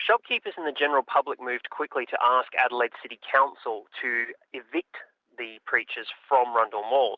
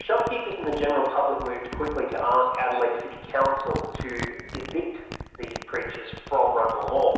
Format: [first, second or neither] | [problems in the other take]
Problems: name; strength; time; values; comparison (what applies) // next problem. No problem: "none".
first | background sound (Crumpling, crinkling); 13 dB below the speech // room echo; dies away in 1 s